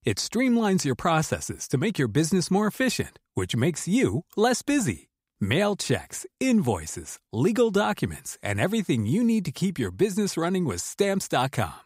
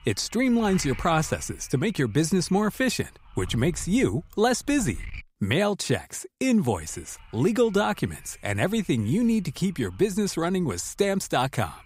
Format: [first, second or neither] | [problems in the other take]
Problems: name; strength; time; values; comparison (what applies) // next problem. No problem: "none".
first | wind noise on the microphone; occasional gusts; until 5 s and from 7 s on; 20 dB below the speech